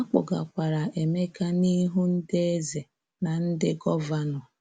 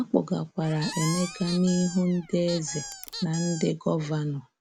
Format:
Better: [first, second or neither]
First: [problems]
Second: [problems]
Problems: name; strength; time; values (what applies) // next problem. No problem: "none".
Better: first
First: none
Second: background sound (Squeak + Squeak); 11 dB below the speech